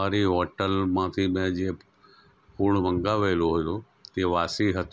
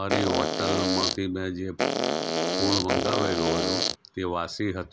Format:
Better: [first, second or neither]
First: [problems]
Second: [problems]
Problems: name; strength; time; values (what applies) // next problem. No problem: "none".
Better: first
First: none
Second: background sound (Fart); 3 dB above the speech